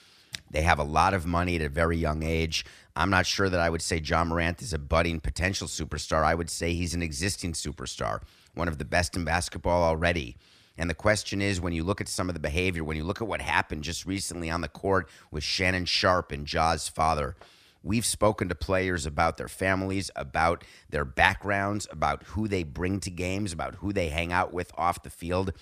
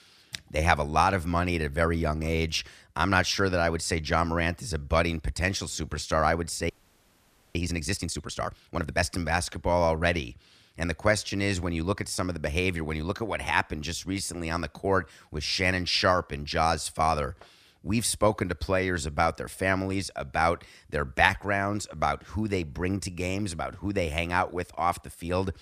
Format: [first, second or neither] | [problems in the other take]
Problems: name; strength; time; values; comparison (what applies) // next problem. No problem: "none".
first | audio freezing; at 6.5 s for 1 s